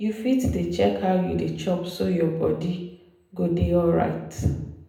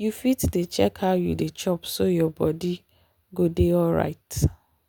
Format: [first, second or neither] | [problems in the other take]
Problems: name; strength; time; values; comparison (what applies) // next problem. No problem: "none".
second | room echo; dies away in 0.7 s